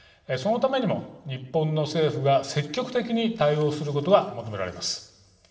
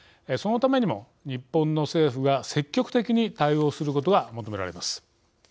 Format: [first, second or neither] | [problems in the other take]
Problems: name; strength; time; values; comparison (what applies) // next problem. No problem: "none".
second | room echo; dies away in 0.9 s